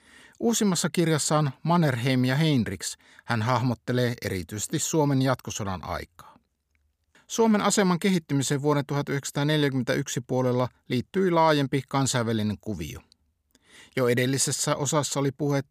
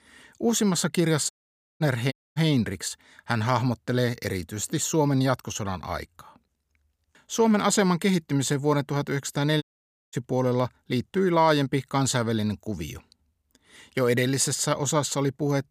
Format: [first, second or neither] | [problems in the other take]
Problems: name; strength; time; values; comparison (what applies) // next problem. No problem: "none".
first | audio cutting out; at 1.5 s for 0.5 s, at 2 s and at 9.5 s for 0.5 s